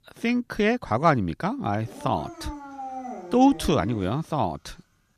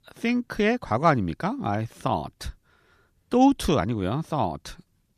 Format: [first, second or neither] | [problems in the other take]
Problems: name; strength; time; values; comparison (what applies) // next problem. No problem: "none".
second | dog barking; faint; from 2 to 4 s; peak 10 dB below the speech